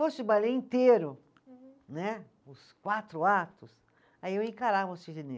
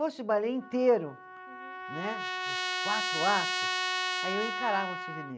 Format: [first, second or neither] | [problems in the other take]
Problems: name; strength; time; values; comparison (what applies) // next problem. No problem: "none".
first | background sound (Trumpet); 2 dB below the speech